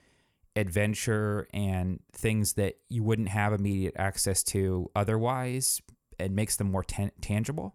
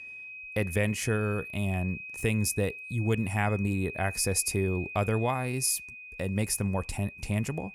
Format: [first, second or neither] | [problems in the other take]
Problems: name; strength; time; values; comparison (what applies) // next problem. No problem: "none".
first | high-pitched whine; noticeable; throughout; 2.5 kHz, 10 dB below the speech